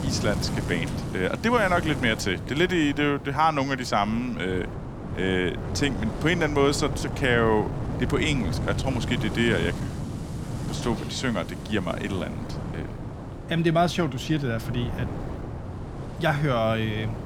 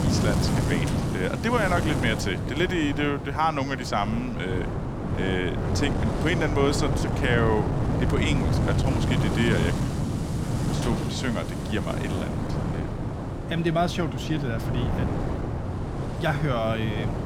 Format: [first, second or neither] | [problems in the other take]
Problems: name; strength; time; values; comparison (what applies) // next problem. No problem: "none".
first | wind noise on the microphone; heavy; 5 dB below the speech; occasional gusts in the first